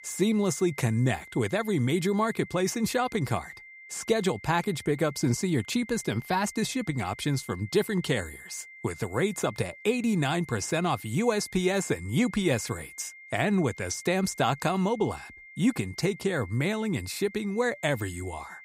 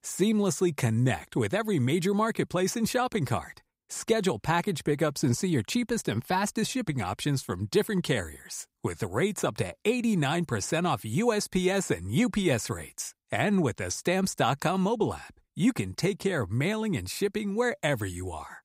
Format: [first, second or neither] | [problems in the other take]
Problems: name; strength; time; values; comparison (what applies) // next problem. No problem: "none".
second | high-pitched whine; noticeable; throughout; 2 kHz, 20 dB below the speech